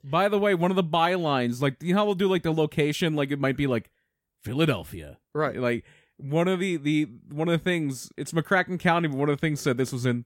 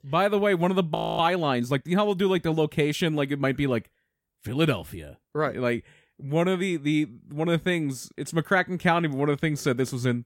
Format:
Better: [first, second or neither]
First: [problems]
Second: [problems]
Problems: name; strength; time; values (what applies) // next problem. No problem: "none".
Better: first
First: none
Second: audio freezing; at 1 s